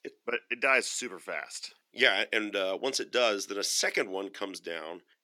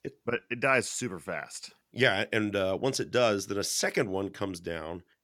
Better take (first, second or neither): second